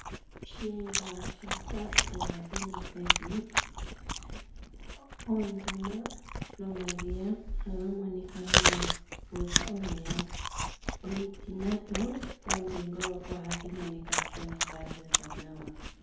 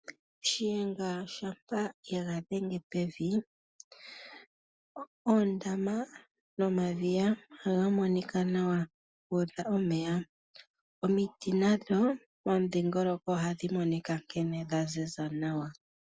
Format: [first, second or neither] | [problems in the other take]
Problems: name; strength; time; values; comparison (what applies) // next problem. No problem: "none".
second | background sound (Chewing, mastication); 4 dB above the speech // room echo; dies away in 2 s